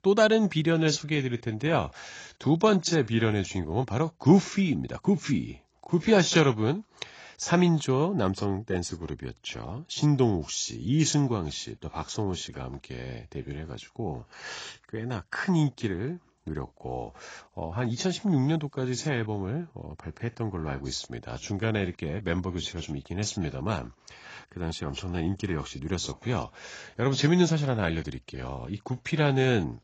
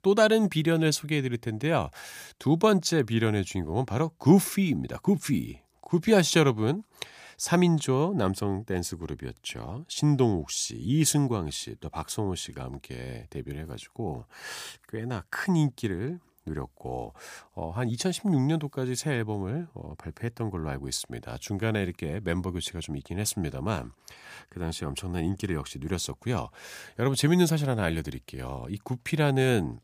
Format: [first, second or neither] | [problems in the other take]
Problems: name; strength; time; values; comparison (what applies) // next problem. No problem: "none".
second | garbled, watery; badly; nothing above 7.5 kHz